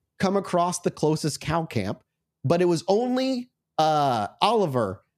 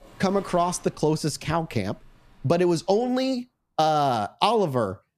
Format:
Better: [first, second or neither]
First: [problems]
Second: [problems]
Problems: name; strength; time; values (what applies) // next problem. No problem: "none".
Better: first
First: none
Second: rain or running water; faint; until 2.5 s; 25 dB below the speech